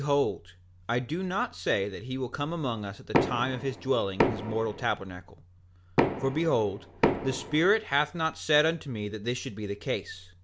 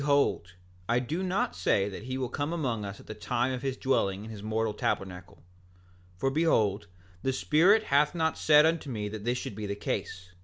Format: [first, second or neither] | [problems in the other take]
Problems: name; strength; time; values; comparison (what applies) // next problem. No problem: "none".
second | background sound (Knock); as loud as the speech